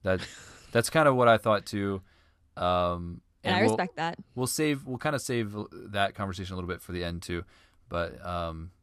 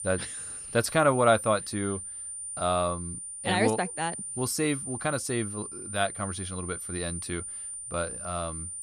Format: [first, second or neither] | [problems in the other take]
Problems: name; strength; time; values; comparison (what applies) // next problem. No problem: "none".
first | high-pitched whine; loud; throughout; 9 kHz, 6 dB below the speech